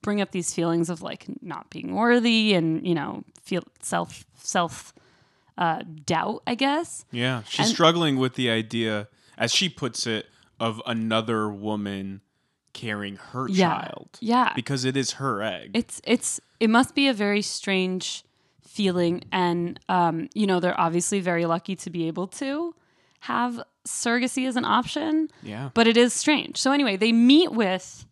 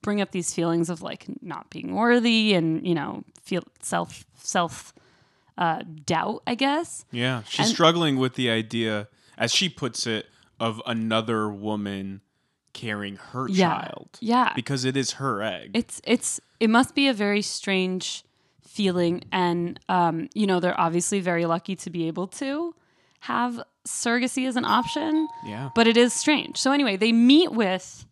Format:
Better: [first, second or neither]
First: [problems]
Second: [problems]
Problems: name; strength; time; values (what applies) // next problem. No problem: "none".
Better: first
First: none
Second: doorbell; noticeable; from 25 to 26 s; peak 10 dB below the speech